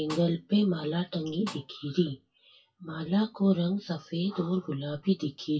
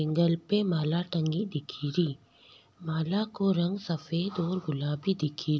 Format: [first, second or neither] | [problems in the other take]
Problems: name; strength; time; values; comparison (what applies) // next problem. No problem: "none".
second | noise reduction (classical method WPE with log-MMSE)